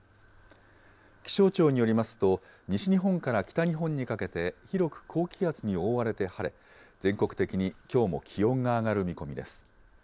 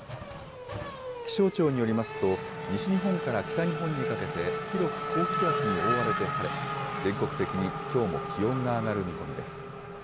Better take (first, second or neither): first